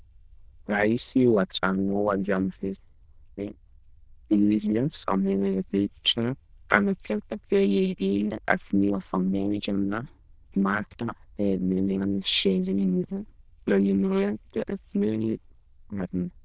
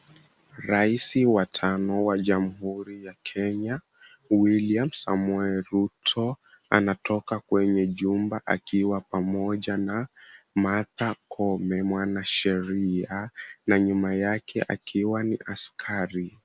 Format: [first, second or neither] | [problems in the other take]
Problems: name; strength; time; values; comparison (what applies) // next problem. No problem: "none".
second | noise reduction (neural diffusion model UNIVERSE++)